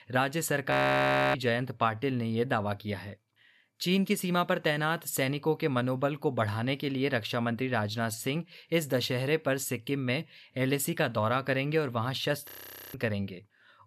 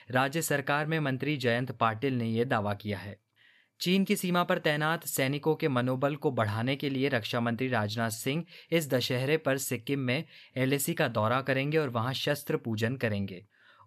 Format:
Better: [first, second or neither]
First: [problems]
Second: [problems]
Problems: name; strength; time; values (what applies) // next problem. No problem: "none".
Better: second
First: audio freezing; at 0.5 s for 0.5 s and at 12 s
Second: none